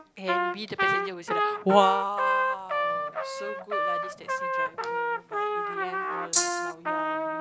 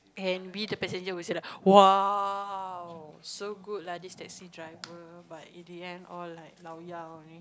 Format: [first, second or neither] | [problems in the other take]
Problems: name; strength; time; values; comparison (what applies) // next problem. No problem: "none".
second | background sound (Rattle (instrument) + Trumpet); 3 dB above the speech